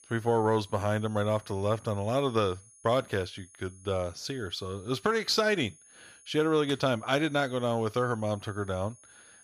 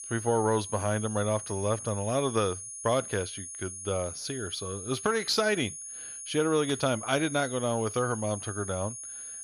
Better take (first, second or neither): first